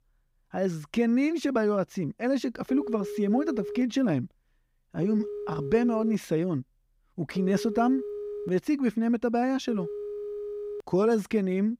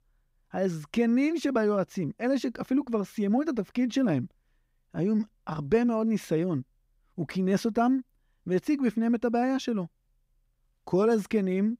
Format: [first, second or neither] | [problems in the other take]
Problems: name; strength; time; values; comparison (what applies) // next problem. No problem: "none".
second | phone ringing; noticeable; from 2.5 to 11 s; peak 8 dB below the speech